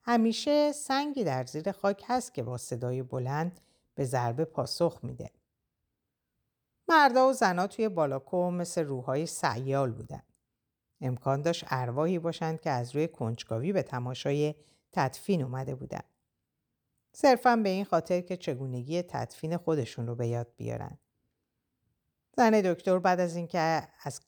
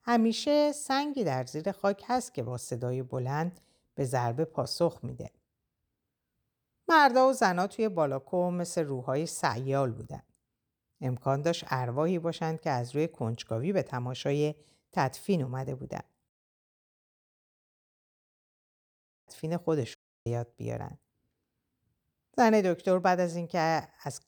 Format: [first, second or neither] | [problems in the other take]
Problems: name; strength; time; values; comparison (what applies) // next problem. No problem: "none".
first | audio cutting out; at 16 s for 3 s and at 20 s